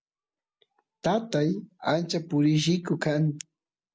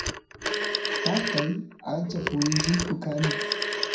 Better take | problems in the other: first | background sound (Telephone); as loud as the speech // room echo; dies away in 0.5 s

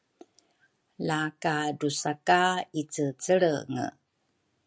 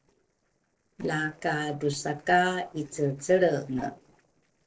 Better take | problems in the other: first | noise reduction (neural separator model SepFormer DNS4)

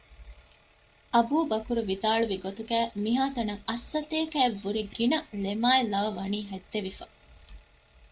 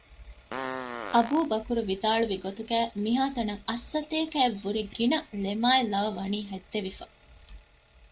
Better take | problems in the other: first | background sound (Fart); 11 dB below the speech

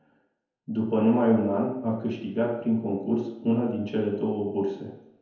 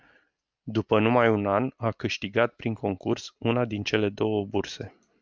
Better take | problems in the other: second | room echo; dies away in 0.9 s

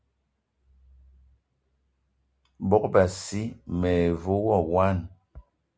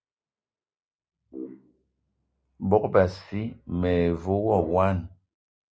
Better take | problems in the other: first | noise reduction (neural mask model Resemble Enhance denoiser)

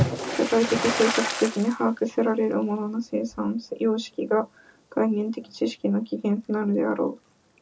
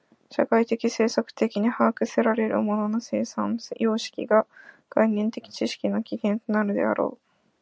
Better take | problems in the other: second | background sound (Splash, splatter); 8 dB below the speech // room echo; dies away in 0.2 s

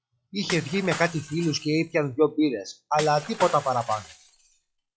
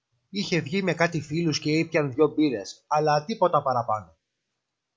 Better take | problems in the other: second | noise reduction (classical method log-MMSE)

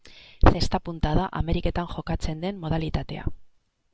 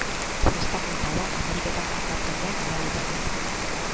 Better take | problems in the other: first | background sound (Rain); 3 dB above the speech

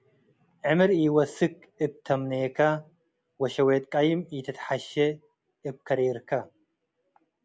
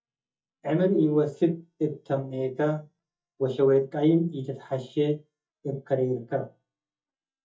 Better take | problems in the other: first | noise reduction (neural mask model DeepFilterNet 3)

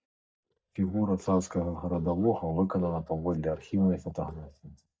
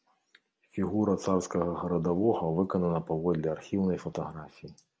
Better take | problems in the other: second | noise reduction (neural mask model DeepFilterNet 3)

